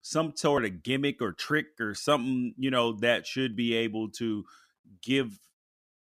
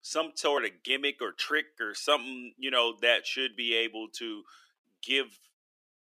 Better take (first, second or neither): first